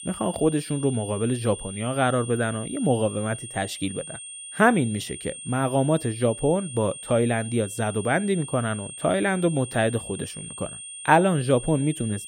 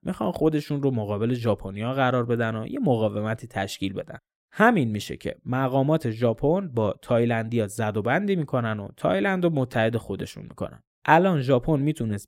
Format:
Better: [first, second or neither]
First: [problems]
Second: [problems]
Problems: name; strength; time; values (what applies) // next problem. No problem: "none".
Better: second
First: high-pitched whine; noticeable; throughout; 9 kHz, 10 dB below the speech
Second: none